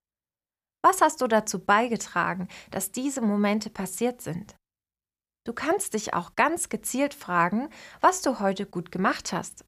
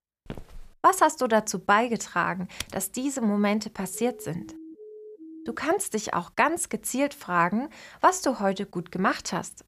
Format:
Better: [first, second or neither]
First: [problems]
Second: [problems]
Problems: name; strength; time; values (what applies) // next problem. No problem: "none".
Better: first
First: none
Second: footsteps; faint; at 0.5 s; peak 15 dB below the speech // keyboard typing; very faint; at 2.5 s; peak 10 dB below the speech // siren; faint; from 4 to 5.5 s; peak 20 dB below the speech